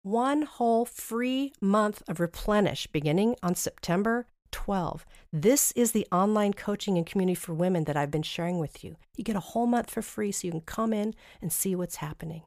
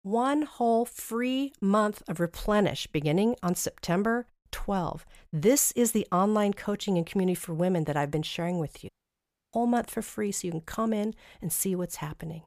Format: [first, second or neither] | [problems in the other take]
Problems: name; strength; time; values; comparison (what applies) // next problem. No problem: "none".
first | audio cutting out; at 9 s for 0.5 s